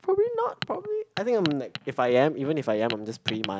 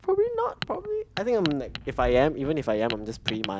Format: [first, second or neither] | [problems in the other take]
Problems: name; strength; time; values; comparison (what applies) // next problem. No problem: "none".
first | background sound (Thunder / Rain); 16 dB below the speech